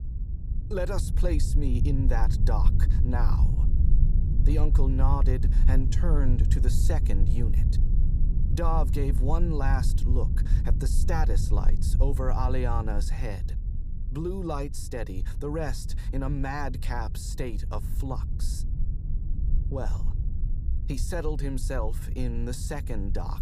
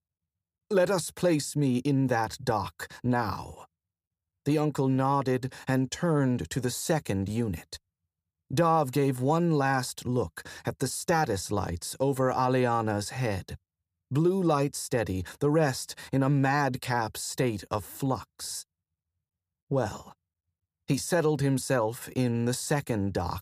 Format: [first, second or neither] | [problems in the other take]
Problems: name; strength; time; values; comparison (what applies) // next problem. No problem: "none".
second | low rumble; loud; throughout; 9 dB below the speech